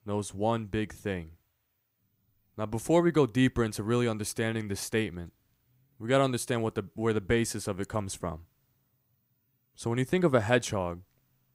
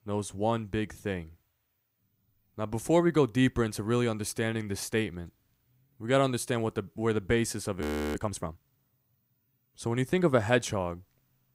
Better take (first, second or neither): first